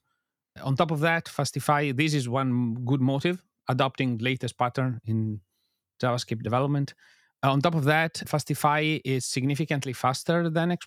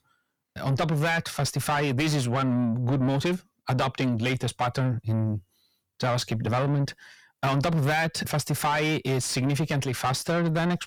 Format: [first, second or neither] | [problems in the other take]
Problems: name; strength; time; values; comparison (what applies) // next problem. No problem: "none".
first | distortion; heavy; 6 dB below the speech